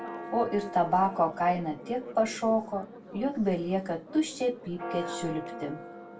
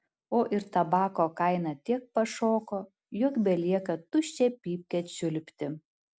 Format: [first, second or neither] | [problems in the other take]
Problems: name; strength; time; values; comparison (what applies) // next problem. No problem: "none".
second | background sound (Church bell); 12 dB below the speech // room echo; dies away in 0.2 s